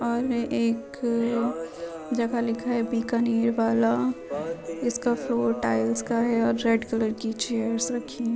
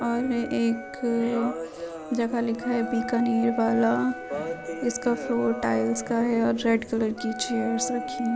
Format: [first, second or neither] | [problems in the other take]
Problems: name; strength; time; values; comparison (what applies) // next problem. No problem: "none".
first | background sound (Wind instrument, woodwind instrument); 13 dB below the speech